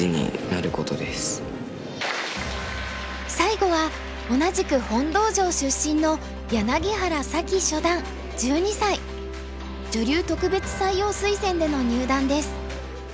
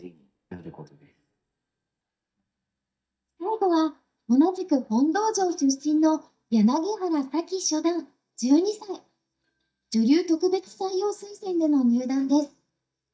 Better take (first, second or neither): first